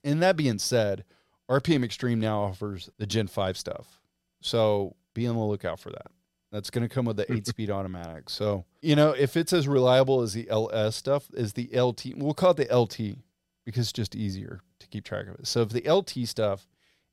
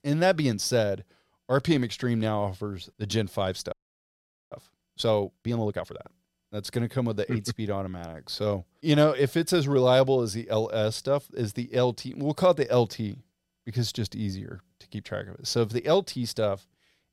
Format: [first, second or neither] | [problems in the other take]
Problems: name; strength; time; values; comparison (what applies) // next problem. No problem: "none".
first | audio freezing; at 3.5 s for 1 s